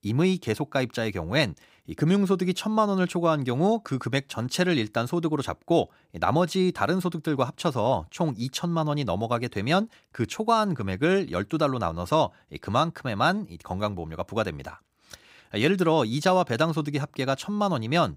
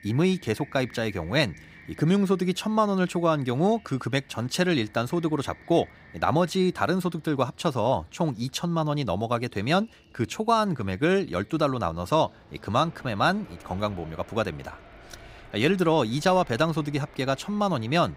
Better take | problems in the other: first | train or aircraft noise; faint; throughout; 25 dB below the speech

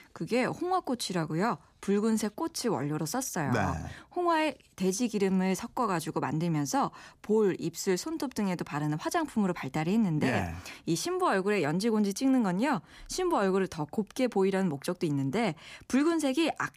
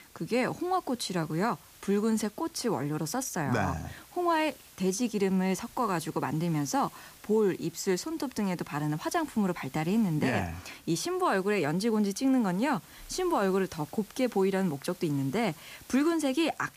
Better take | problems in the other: first | hiss; faint; throughout; 20 dB below the speech

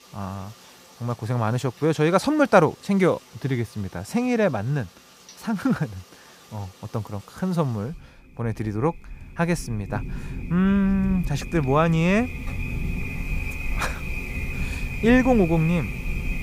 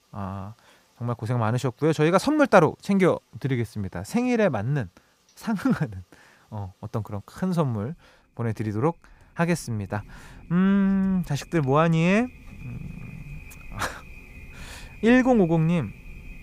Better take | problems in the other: second | rain or running water; loud; throughout; 9 dB below the speech; faint in the second

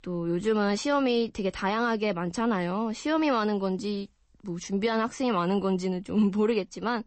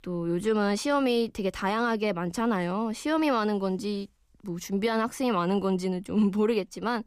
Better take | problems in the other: second | garbled, watery; slightly; nothing above 8 kHz

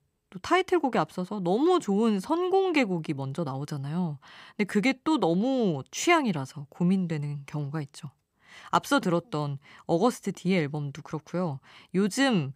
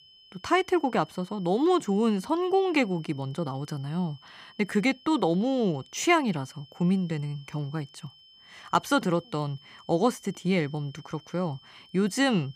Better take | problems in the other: first | high-pitched whine; faint; throughout; 3 kHz, 25 dB below the speech

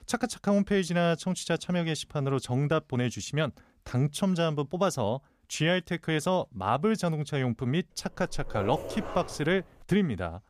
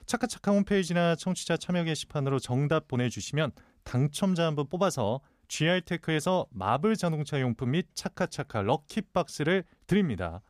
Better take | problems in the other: second | dog barking; noticeable; from 8 to 10 s; peak 7 dB below the speech

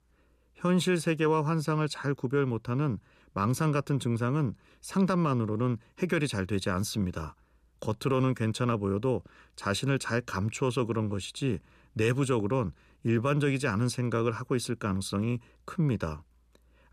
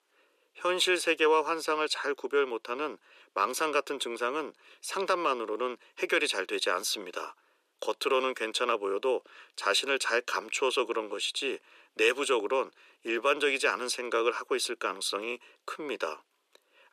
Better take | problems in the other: first | thin; very; fading below 400 Hz

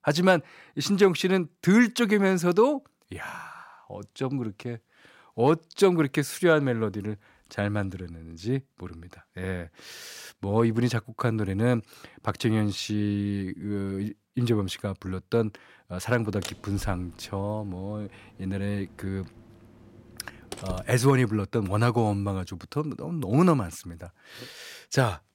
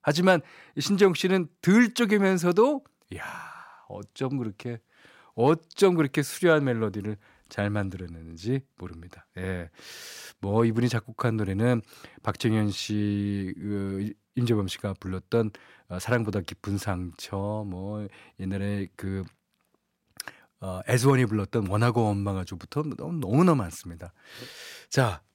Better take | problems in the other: second | door banging; faint; from 16 to 21 s; peak 10 dB below the speech

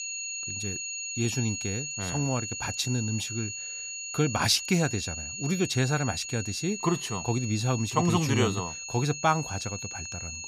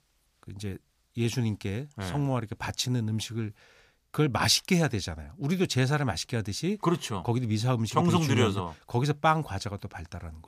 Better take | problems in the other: second | high-pitched whine; loud; throughout; 7 kHz, 5 dB below the speech

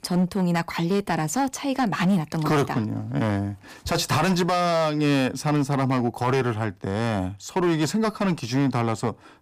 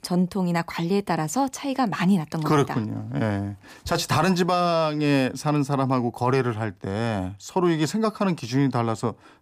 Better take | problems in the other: second | distortion; slight; 9% of the sound clipped

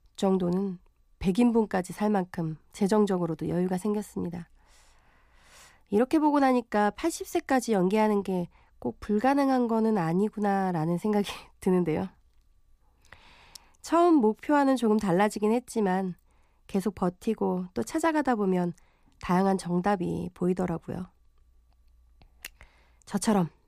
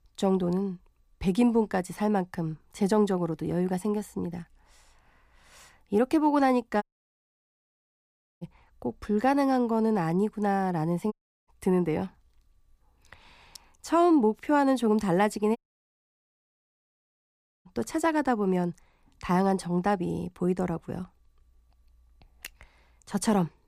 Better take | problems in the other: first | audio cutting out; at 7 s for 1.5 s, at 11 s and at 16 s for 2 s

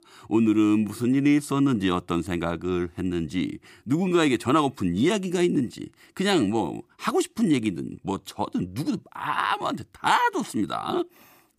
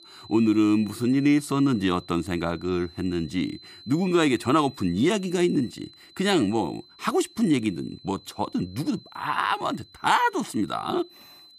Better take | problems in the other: first | high-pitched whine; faint; throughout; 4 kHz, 20 dB below the speech

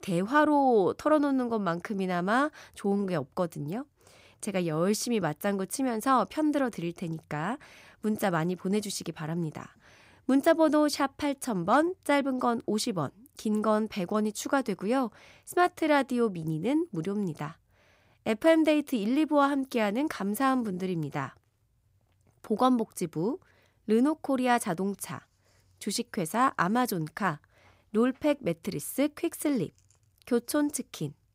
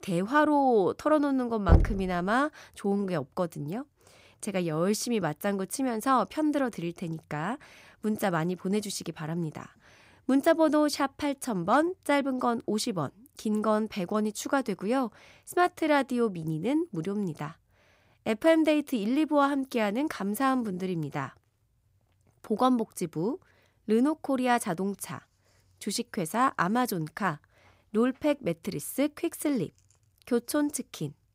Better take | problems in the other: first | door banging; loud; at 1.5 s; peak 4 dB above the speech

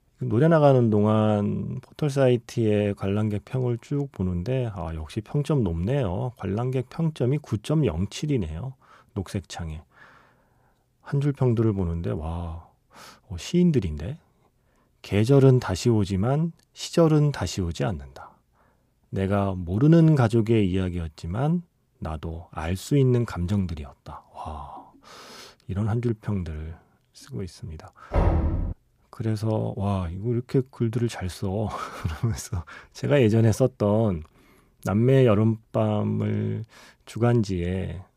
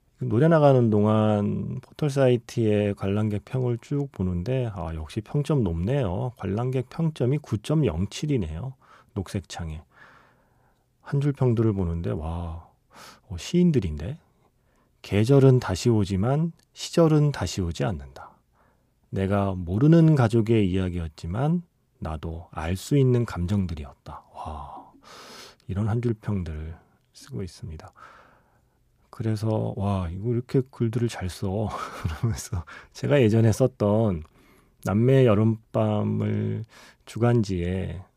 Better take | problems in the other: second | door banging; loud; at 28 s; peak 1 dB above the speech

